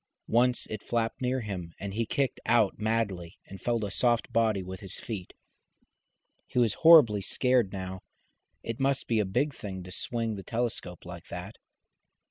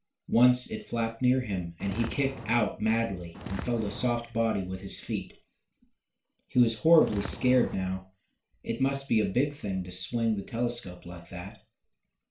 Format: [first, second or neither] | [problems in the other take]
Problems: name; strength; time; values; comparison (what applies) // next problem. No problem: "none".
first | background sound (Walk, footsteps); 9 dB below the speech // room echo; dies away in 0.3 s